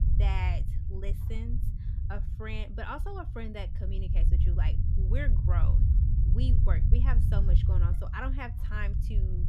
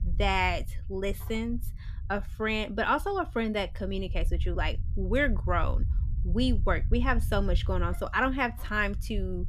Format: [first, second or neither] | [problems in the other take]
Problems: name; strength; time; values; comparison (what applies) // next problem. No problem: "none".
second | low rumble; loud; throughout; 5 dB below the speech; faint in the second